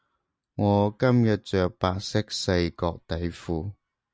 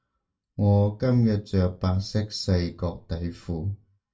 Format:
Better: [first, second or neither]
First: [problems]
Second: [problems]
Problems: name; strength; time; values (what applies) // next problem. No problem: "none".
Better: first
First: none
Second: room echo; dies away in 0.2 s